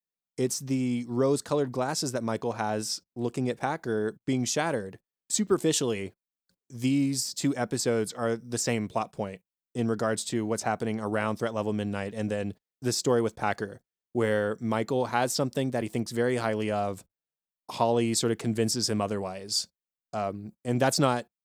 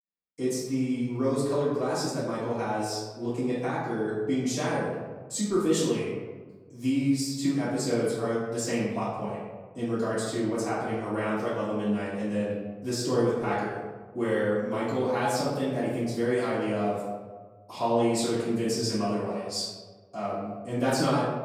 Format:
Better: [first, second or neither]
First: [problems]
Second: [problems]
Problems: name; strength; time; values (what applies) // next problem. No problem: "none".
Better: first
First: none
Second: off-mic speech; far // room echo; noticeable; dies away in 1.2 s